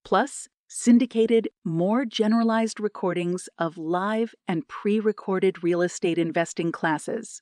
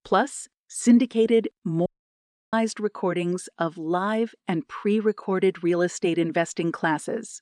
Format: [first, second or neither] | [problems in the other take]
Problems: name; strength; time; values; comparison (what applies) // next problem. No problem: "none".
first | audio cutting out; at 2 s for 0.5 s